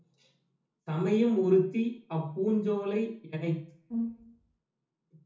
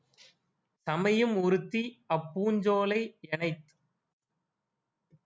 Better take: second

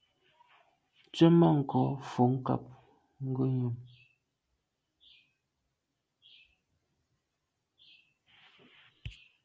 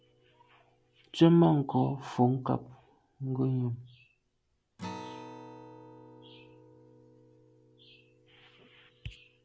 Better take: first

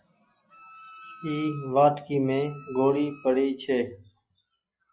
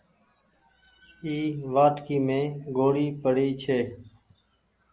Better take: second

